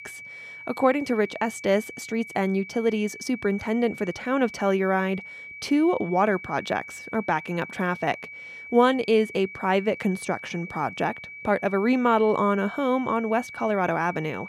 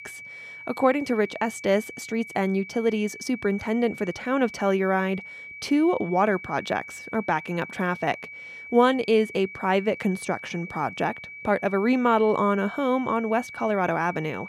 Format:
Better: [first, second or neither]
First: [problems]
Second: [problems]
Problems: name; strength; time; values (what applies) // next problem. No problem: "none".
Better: neither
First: high-pitched whine; noticeable; throughout; 2.5 kHz, 15 dB below the speech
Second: high-pitched whine; noticeable; throughout; 2.5 kHz, 15 dB below the speech